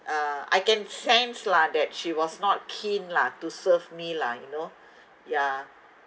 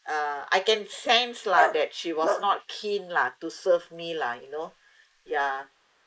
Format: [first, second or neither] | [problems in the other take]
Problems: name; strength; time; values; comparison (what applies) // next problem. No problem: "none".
first | noise reduction (neural mask model Resemble Enhance denoiser)